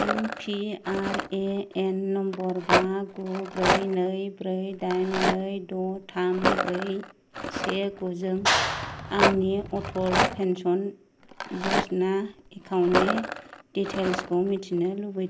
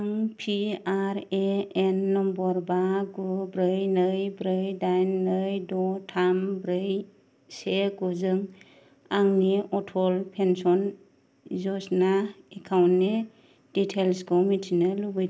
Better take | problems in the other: second | background sound (Rattle + Clapping); 2 dB below the speech

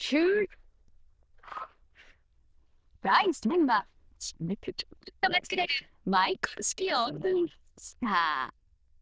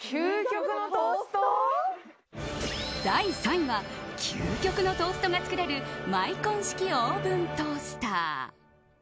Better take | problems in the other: second | noise reduction (neural diffusion model UNIVERSE++)

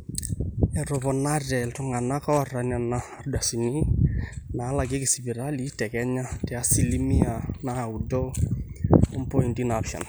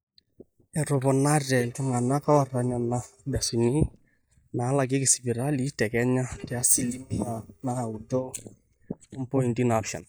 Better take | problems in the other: first | noise reduction (neural mask model DeepFilterNet 3)

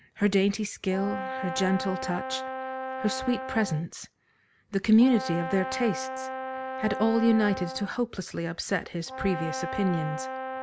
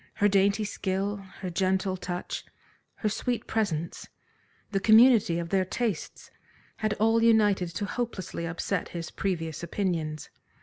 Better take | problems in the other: second | background sound (Brass instrument); 8 dB below the speech

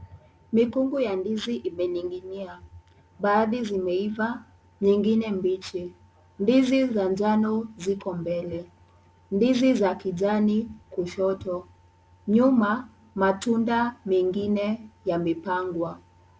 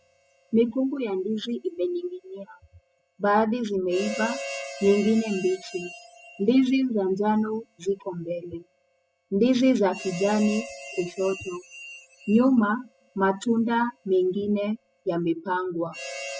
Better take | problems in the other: first | noise reduction (classical method spectral subtraction)

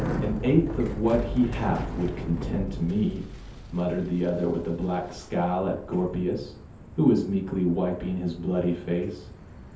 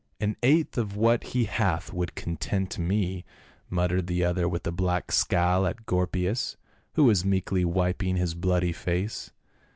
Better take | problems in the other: second | background sound (Bicycle); 9 dB below the speech // room echo; dies away in 0.5 s

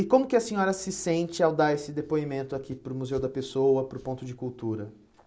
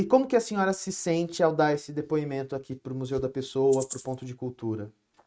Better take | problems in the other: first | noise reduction (neural mask model RNNoise)

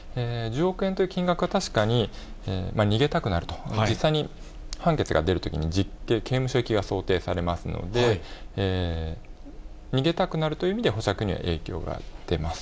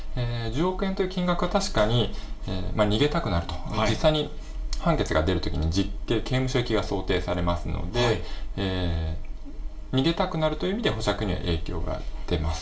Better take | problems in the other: first | room echo; dies away in 0.3 s

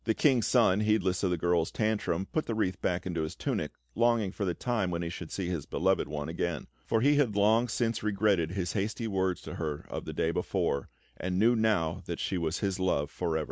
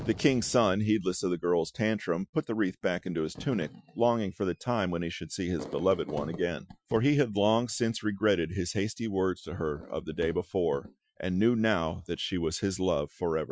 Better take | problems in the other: first | noise reduction (classical method Wiener filter)

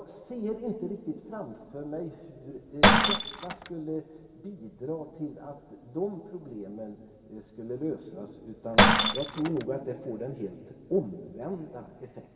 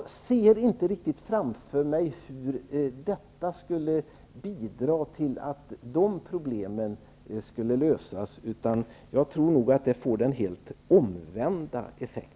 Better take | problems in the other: second | background sound (Shatter); 5 dB above the speech // room echo; dies away in 2.4 s

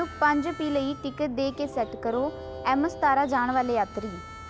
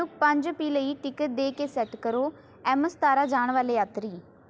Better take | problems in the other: second | background sound (Train + Harmonica); 13 dB below the speech

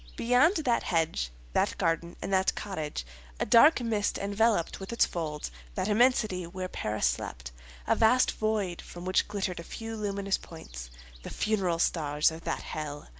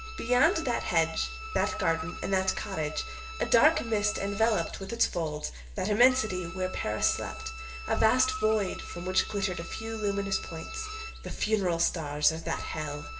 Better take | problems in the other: first | background sound (Bowed string instrument); 12 dB below the speech // room echo; dies away in 0.6 s

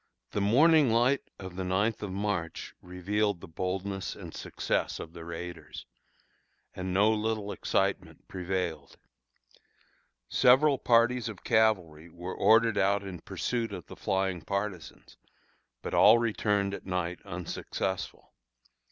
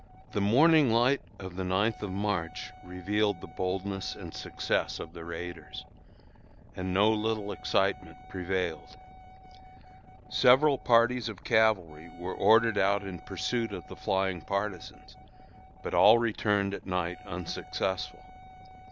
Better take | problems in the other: first | background sound (Wind instrument, woodwind instrument + Boat, Water vehicle); 19 dB below the speech

